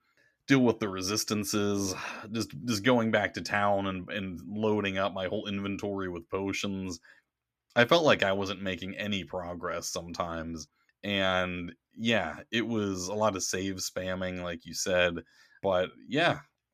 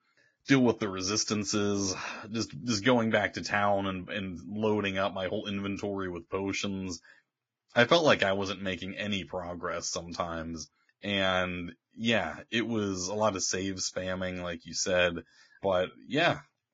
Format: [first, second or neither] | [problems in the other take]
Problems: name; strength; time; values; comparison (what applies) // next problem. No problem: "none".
first | garbled, watery; badly; nothing above 6 kHz